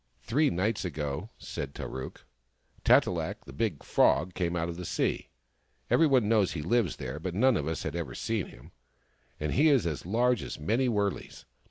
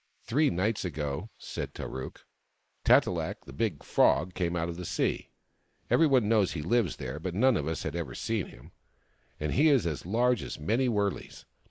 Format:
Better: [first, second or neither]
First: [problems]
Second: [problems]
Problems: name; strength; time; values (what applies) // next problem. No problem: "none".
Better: first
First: none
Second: noise reduction (neural mask model Resemble Enhance denoiser)